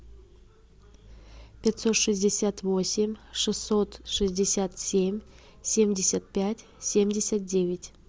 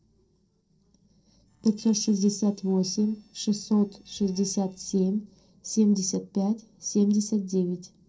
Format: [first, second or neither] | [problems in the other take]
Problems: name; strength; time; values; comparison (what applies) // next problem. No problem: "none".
first | noise reduction (neural separator model SepFormer DNS4)